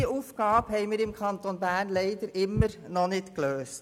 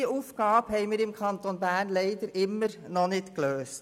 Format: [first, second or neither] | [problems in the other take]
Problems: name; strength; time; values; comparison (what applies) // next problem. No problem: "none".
second | background sound (Walk, footsteps); 9 dB below the speech